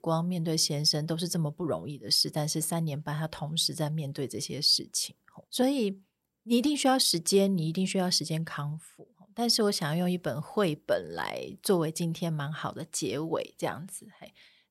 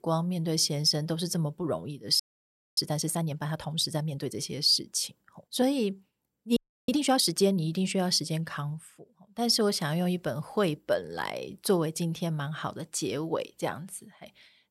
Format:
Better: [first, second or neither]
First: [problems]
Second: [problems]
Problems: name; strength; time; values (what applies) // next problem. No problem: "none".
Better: first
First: none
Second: audio freezing; at 2 s for 0.5 s and at 6.5 s